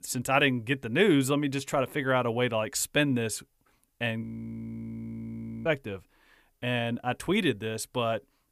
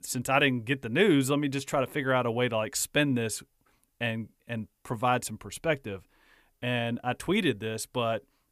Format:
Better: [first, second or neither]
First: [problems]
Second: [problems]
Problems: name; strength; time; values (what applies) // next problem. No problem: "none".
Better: second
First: audio freezing; at 4 s for 1.5 s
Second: none